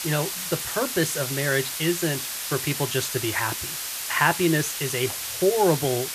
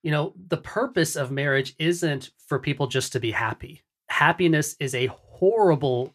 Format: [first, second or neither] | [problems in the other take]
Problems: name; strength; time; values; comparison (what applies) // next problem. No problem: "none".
second | hiss; loud; throughout; 3 dB below the speech